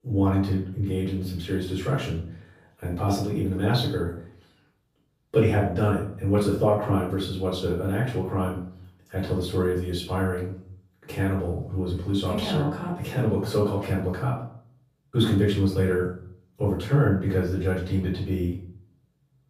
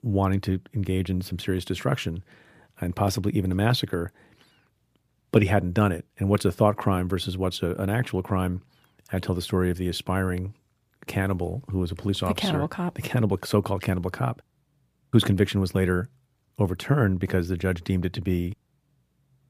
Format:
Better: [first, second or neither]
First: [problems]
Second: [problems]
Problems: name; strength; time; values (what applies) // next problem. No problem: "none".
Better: second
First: off-mic speech; far // room echo; noticeable; dies away in 0.5 s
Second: none